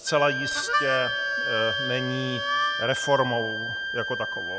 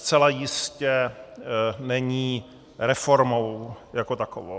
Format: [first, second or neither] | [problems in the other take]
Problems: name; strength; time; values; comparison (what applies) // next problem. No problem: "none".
second | background sound (Harmonica + Wind instrument, woodwind instrument); as loud as the speech